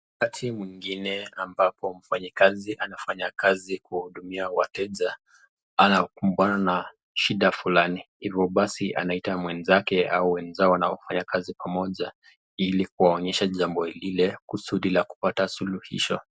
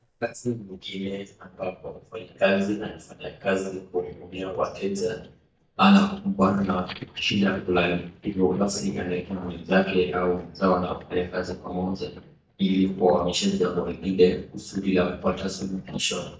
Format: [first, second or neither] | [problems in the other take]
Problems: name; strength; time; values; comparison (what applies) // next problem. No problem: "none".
first | noise reduction (neural mask model DeepFilterNet 3)